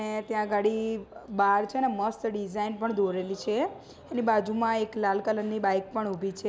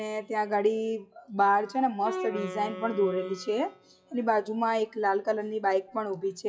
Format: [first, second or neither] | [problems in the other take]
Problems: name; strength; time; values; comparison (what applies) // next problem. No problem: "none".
first | noise reduction (classical method WPE with log-MMSE)